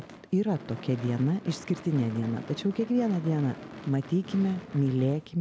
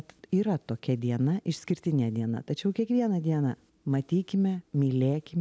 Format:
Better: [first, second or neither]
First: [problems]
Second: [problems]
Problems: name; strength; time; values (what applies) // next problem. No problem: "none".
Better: second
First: background sound (Gunshot, gunfire / Fireworks); 15 dB below the speech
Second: none